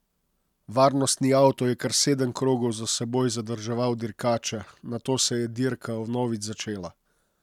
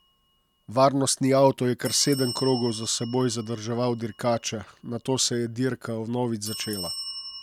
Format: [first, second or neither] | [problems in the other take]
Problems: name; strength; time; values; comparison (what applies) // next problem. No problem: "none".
first | background sound (Bell); 15 dB below the speech